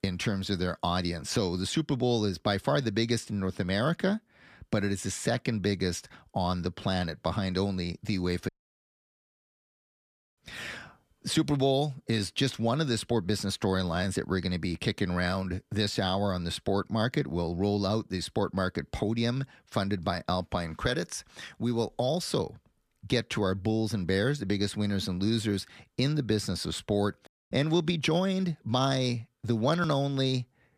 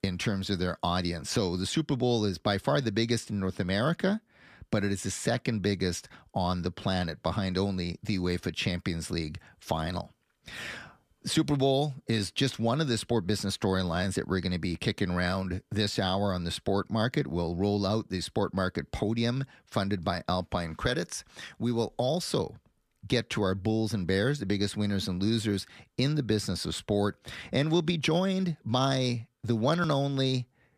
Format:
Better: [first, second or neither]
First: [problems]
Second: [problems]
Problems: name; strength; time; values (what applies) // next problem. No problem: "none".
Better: second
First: audio cutting out; at 8.5 s for 2 s and at 27 s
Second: none